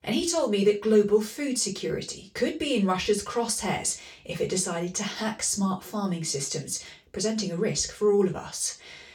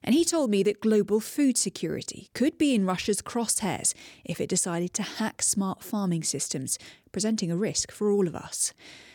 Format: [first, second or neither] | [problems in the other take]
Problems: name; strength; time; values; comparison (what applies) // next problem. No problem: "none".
second | room echo; very slight; dies away in 0.3 s // off-mic speech; far